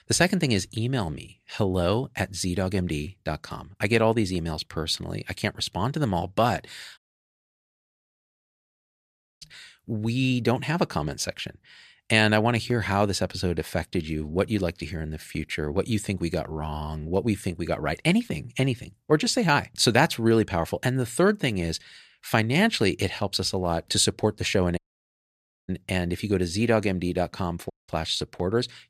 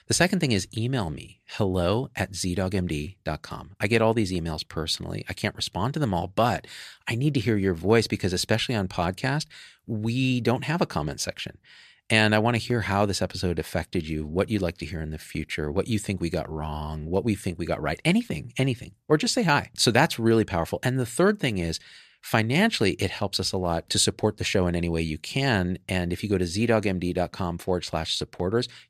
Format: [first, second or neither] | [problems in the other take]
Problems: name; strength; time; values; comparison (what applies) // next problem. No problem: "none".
second | audio cutting out; at 7 s for 2.5 s, at 25 s for 1 s and at 28 s